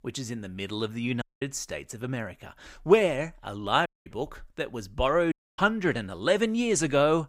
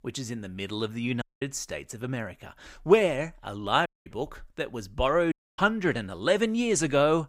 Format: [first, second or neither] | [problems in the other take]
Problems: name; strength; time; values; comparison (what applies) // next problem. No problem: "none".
neither | audio cutting out; at 1 s, at 4 s and at 5.5 s; the same in both